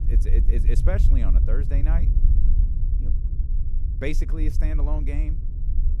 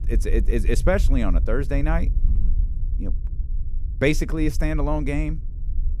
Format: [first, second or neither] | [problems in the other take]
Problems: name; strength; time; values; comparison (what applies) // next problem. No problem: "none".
second | low rumble; loud; throughout; 7 dB below the speech; faint in the second